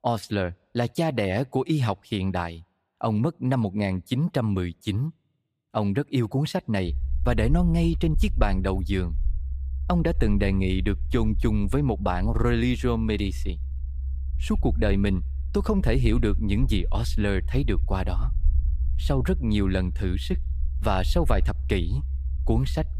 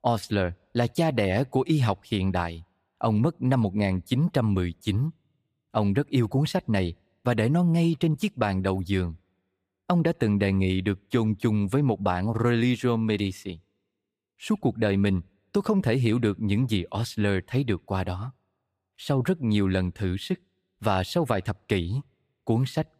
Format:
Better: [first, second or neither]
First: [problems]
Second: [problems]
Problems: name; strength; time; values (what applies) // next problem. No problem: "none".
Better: second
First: low rumble; faint; from 7 s on; 20 dB below the speech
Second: none